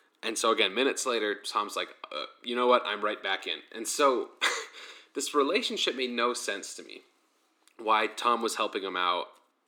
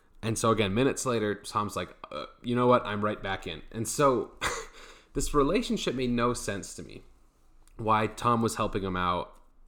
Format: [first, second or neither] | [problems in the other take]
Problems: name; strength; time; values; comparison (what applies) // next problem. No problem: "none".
second | thin; somewhat; fading below 300 Hz